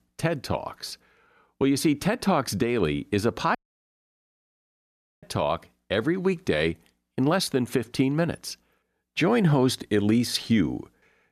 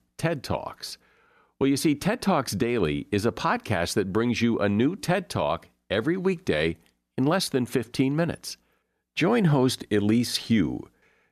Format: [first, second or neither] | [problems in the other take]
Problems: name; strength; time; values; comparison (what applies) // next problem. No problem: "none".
second | audio cutting out; at 3.5 s for 1.5 s